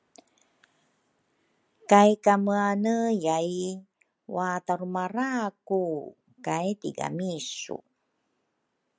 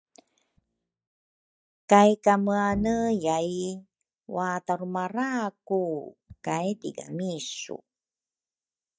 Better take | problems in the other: first | noise reduction (neural mask model DeepFilterNet 3)

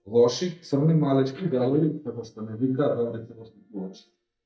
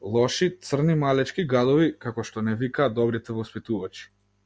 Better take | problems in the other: second | noise reduction (neural mask model DeepFilterNet 3)

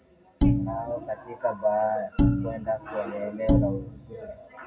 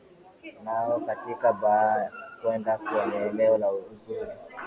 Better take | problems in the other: second | background sound (Bowed string instrument); 4 dB above the speech // room echo; dies away in 0.4 s

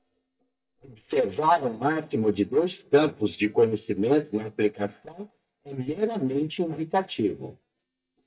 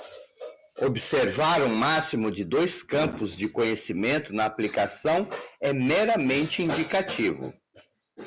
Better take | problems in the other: second | noise reduction (neural mask model DeepFilterNet 3)

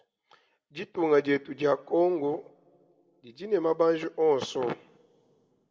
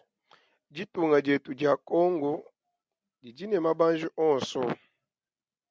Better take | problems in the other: second | room echo; dies away in 0.9 s

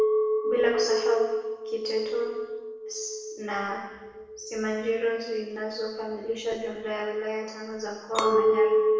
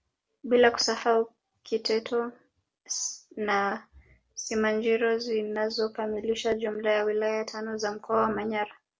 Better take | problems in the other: second | background sound (Chink, clink); 2 dB above the speech // room echo; dies away in 1.2 s

